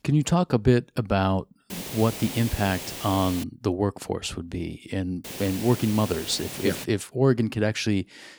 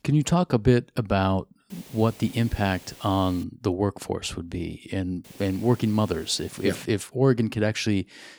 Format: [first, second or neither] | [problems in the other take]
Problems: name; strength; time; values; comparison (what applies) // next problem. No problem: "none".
second | hiss; loud; from 1.5 to 3.5 s and from 5 to 7 s; 10 dB below the speech; faint in the second